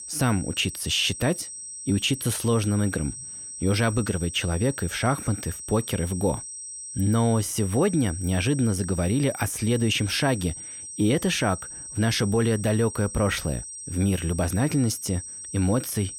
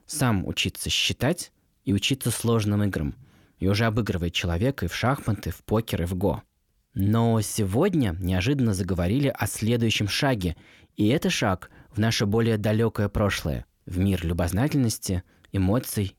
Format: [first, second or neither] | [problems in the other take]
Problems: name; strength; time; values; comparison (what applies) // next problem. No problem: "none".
second | high-pitched whine; loud; throughout; 8 kHz, 10 dB below the speech